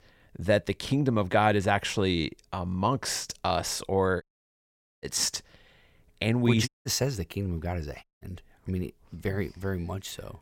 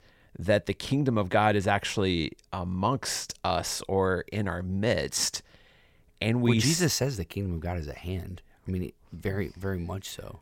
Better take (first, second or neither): second